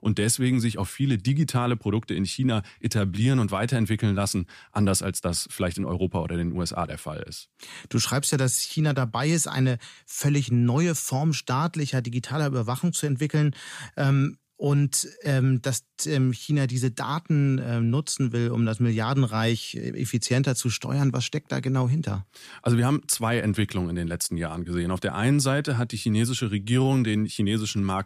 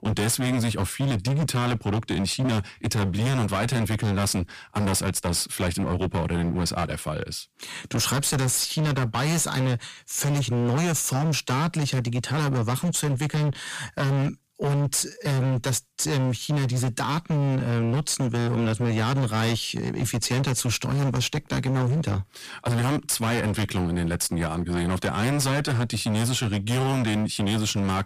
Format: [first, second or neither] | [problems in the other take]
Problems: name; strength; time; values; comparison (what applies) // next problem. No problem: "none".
first | distortion; heavy; 31% of the sound clipped